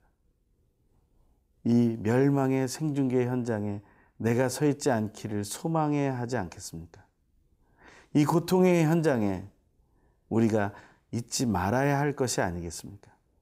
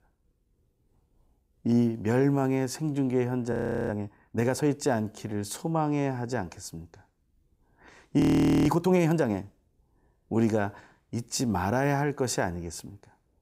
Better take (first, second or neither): first